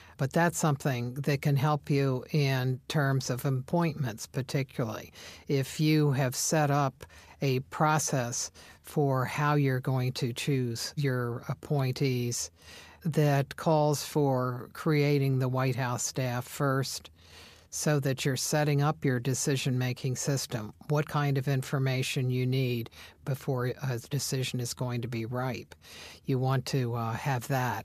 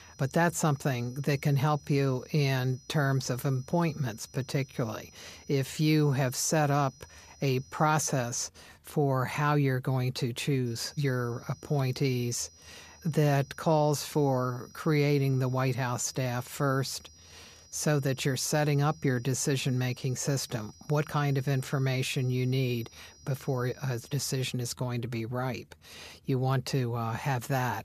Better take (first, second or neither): first